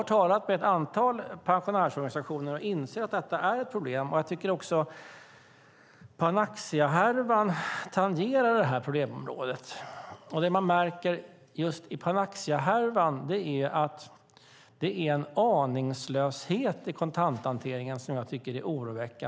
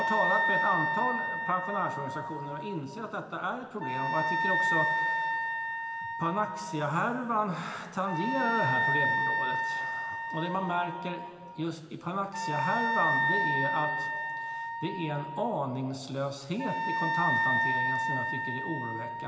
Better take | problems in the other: first | background sound (Wind instrument, woodwind instrument); 2 dB above the speech // room echo; dies away in 2 s

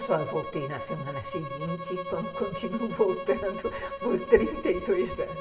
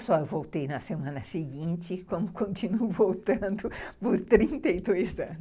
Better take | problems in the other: second | background sound (Bowed string instrument); 8 dB below the speech // room echo; dies away in 0.9 s

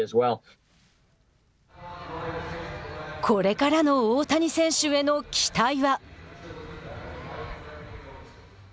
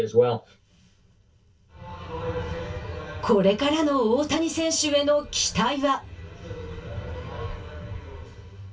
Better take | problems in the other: first | room echo; dies away in 0.2 s

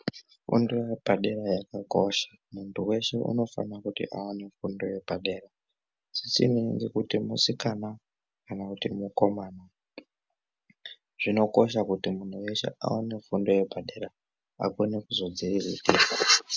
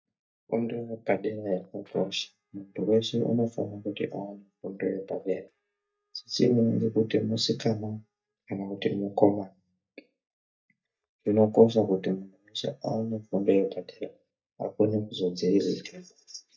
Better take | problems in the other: first | noise reduction (neural mask model DeepFilterNet 3)

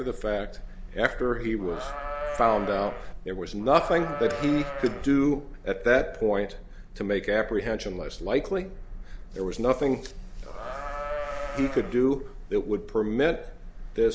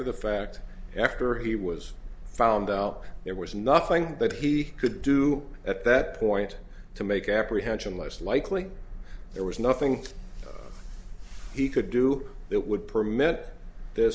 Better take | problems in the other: second | background sound (Livestock, farm animals, working animals); 8 dB below the speech

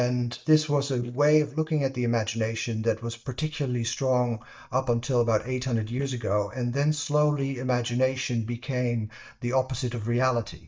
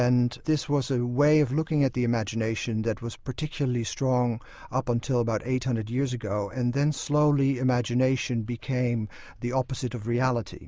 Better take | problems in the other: second | noise reduction (neural mask model DeepFilterNet 3)

